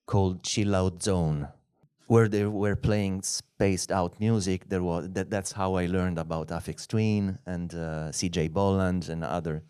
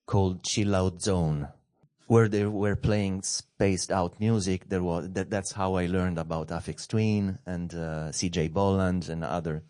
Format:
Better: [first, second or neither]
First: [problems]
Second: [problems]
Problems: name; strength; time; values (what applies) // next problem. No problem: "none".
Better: first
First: none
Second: garbled, watery; slightly; nothing above 8.5 kHz